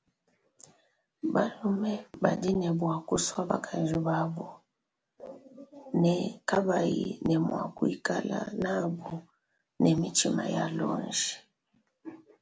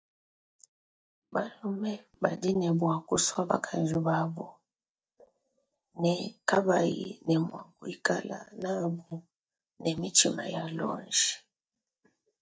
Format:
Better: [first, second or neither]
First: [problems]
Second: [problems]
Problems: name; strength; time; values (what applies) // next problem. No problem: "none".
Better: first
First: none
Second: noise reduction (neural mask model DeepFilterNet 3)